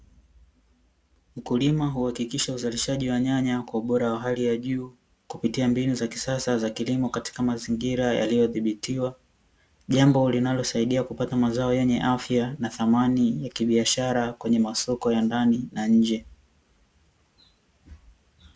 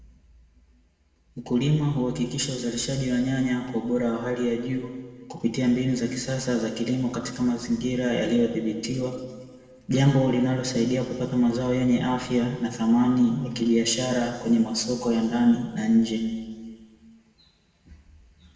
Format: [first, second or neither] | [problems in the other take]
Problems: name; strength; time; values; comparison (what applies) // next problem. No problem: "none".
first | room echo; dies away in 1.7 s